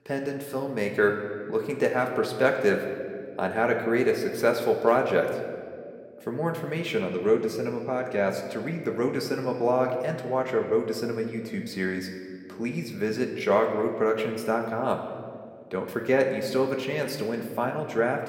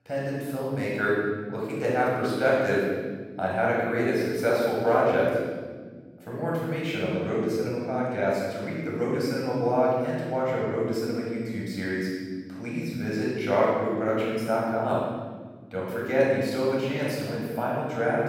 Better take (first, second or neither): first